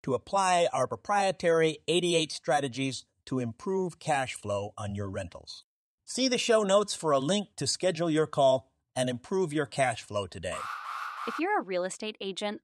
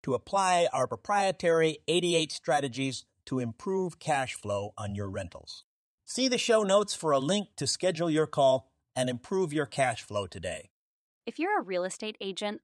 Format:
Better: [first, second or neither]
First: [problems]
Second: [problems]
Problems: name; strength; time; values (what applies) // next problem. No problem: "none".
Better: second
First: alarm; noticeable; at 11 s; peak 7 dB below the speech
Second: none